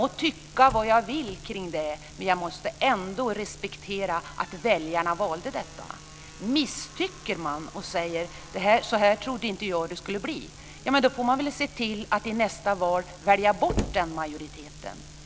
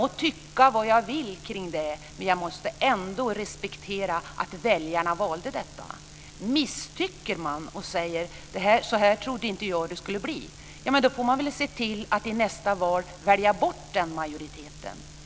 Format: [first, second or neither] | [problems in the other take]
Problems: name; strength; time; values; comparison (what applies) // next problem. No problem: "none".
second | background sound (Slam); 17 dB below the speech